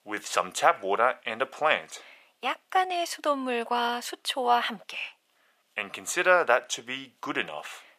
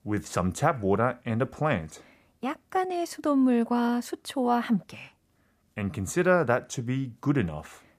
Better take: second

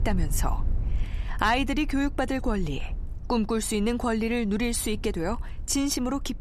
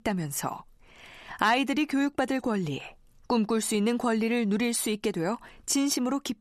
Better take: second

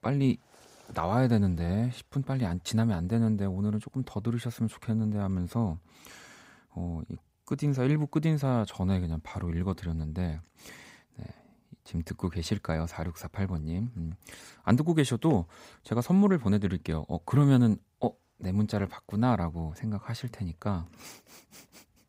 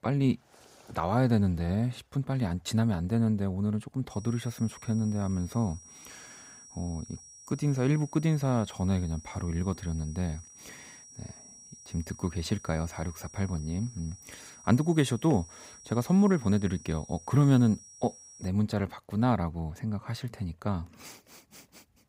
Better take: first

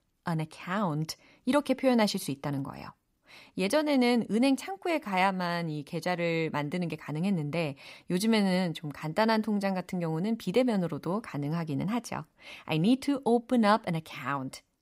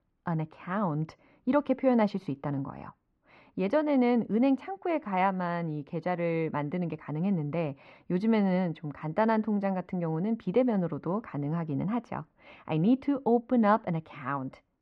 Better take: first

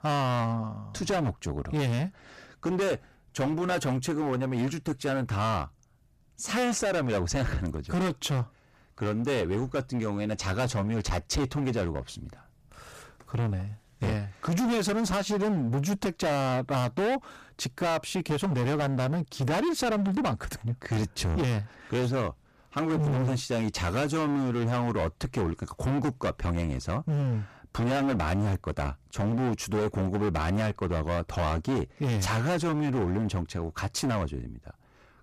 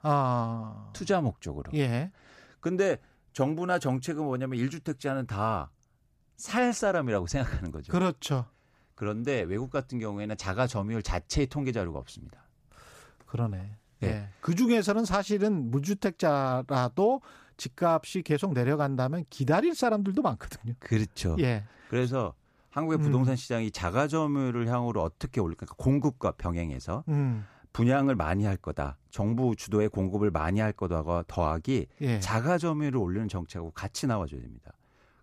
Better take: second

